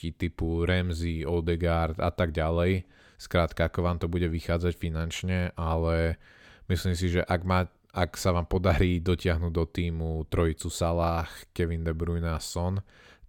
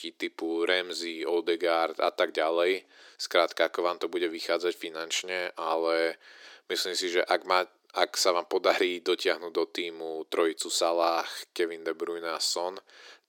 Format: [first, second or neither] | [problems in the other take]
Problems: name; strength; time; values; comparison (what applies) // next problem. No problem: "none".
first | thin; very; fading below 350 Hz